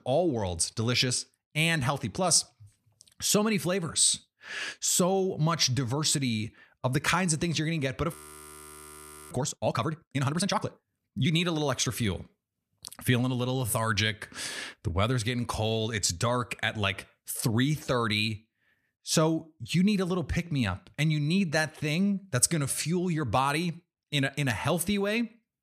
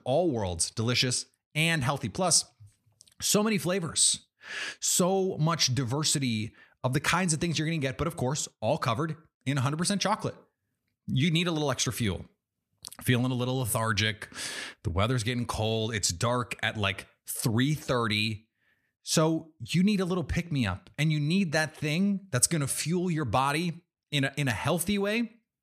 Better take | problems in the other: second | audio freezing; at 8 s for 1 s

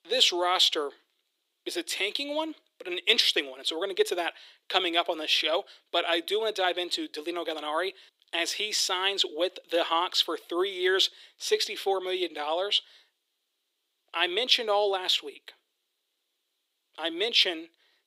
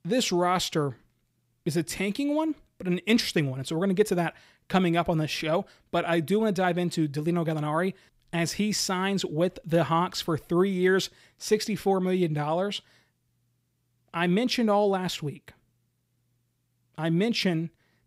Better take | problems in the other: second | thin; very; fading below 350 Hz

